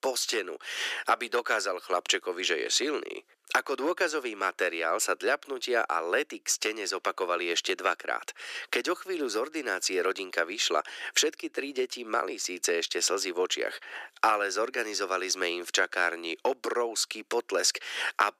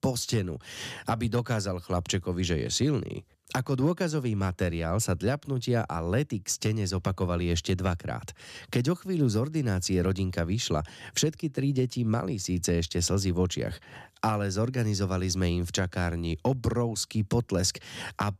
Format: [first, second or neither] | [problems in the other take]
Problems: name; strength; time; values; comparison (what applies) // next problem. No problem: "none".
second | thin; very; fading below 350 Hz